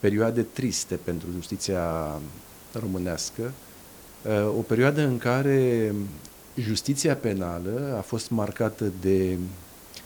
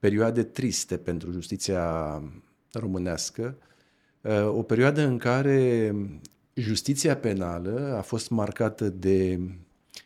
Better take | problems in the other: second | hiss; noticeable; throughout; 20 dB below the speech

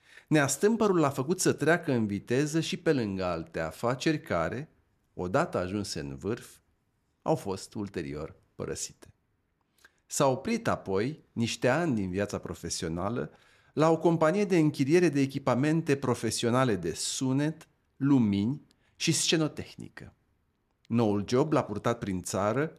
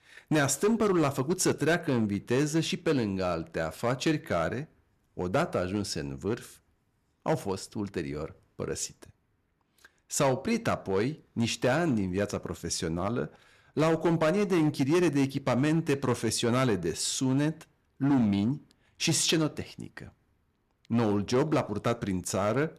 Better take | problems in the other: first | distortion; slight; 6% of the sound clipped

